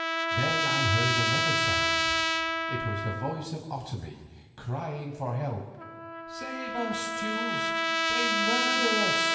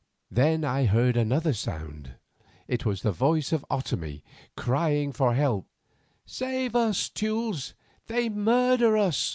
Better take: second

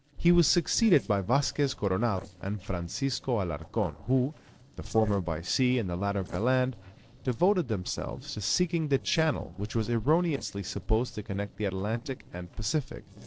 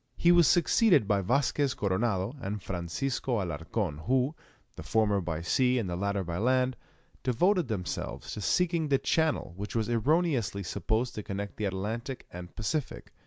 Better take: second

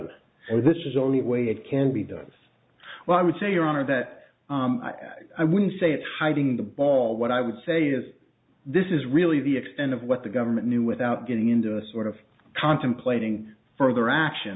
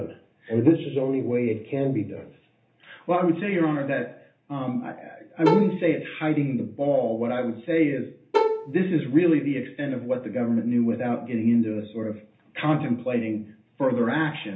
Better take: first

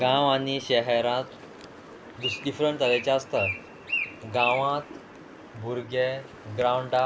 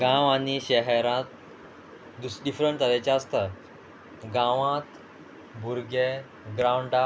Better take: second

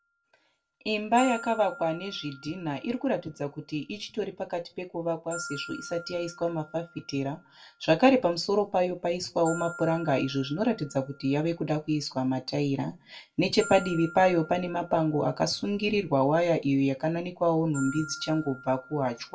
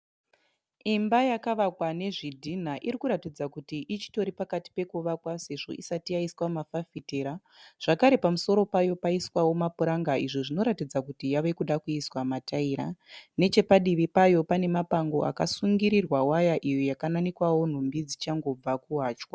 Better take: second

